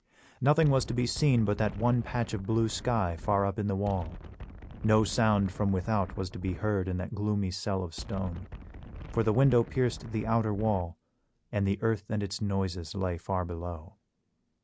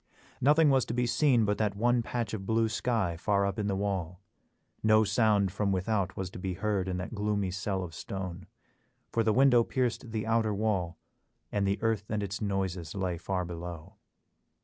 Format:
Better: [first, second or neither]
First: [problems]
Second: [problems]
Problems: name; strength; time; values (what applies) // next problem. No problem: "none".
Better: second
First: background sound (Wind); 13 dB below the speech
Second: none